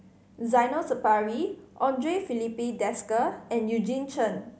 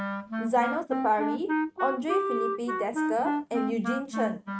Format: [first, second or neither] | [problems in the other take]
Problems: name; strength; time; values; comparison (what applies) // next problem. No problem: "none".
first | noise reduction (neural mask model RNNoise)